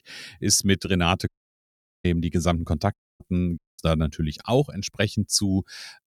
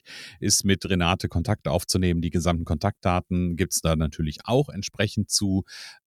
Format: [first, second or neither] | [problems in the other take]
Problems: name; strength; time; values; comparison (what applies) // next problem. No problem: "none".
second | audio cutting out; at 1.5 s for 1 s, at 3 s and at 3.5 s